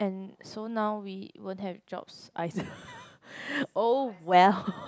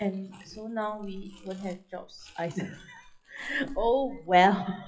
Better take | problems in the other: first | noise reduction (classical method WPE with log-MMSE)

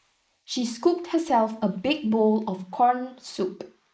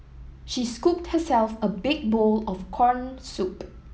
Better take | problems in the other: second | noise reduction (neural mask model Resemble Enhance denoiser)

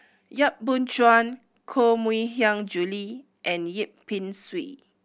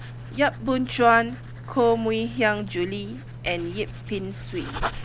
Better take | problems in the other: first | background sound (Writing); 10 dB below the speech

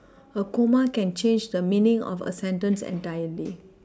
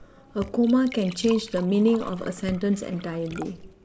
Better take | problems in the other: first | background sound (Raindrop / Drip + Liquid); 17 dB below the speech

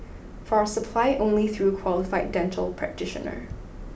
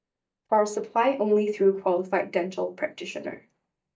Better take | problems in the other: first | noise reduction (neural mask model DeepFilterNet 3)

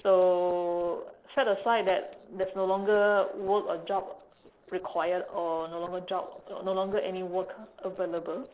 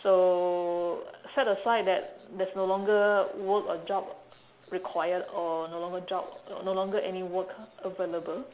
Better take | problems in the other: second | noise reduction (neural separator model SepFormer DNS4)

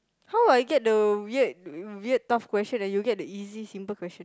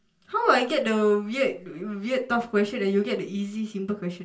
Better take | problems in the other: first | room echo; dies away in 0.3 s

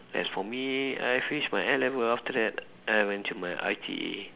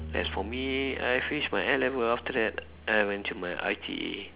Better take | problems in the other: first | background sound (Bowed string instrument); 15 dB below the speech

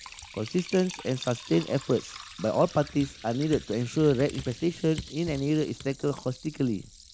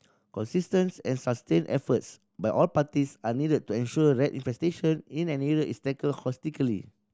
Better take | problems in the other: second | background sound (Computer keyboard + Liquid); 16 dB below the speech

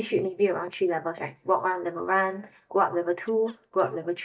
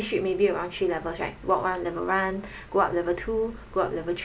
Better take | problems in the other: second | noise reduction (neural mask model DeepFilterNet 3)

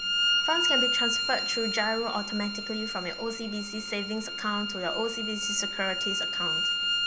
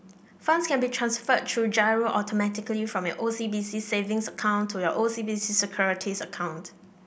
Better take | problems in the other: second | background sound (Bowed string instrument); 3 dB above the speech

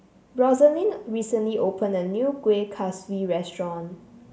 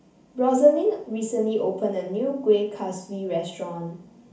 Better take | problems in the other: first | room echo; dies away in 0.4 s

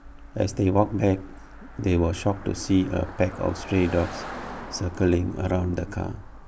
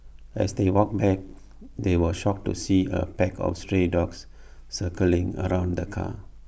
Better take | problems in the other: second | background sound (Car passing by); 16 dB below the speech

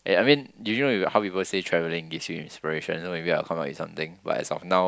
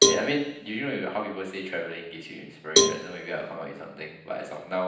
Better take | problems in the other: first | background sound (Cowbell); 4 dB above the speech // room echo; dies away in 0.9 s

